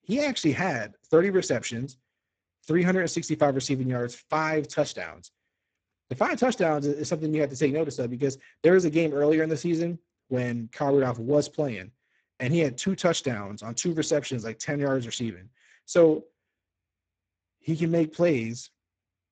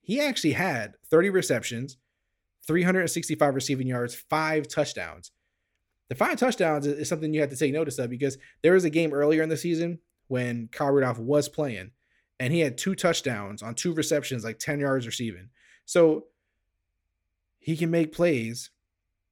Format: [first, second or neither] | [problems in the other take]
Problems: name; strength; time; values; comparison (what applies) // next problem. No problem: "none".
second | garbled, watery; badly; nothing above 7.5 kHz